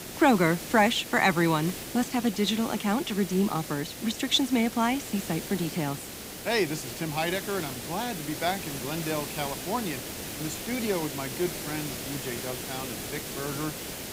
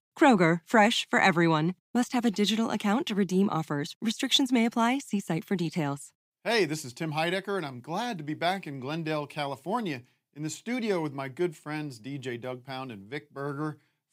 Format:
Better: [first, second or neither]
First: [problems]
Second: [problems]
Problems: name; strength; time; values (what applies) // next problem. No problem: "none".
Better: second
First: hiss; loud; throughout; 7 dB below the speech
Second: none